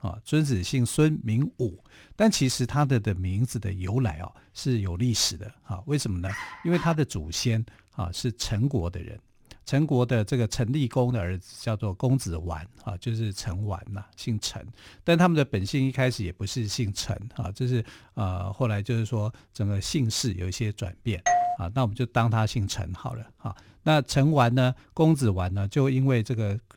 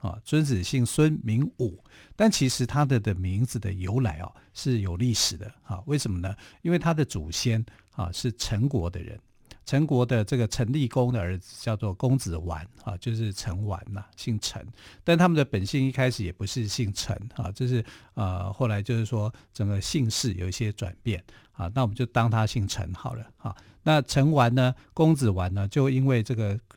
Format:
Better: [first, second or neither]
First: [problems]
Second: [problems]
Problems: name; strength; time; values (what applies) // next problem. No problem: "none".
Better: second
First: dog barking; faint; at 6.5 s; peak 10 dB below the speech // doorbell; loud; at 21 s; peak 3 dB above the speech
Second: none